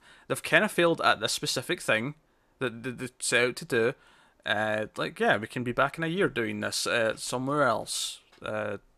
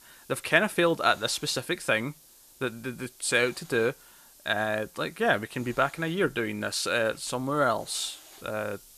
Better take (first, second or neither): first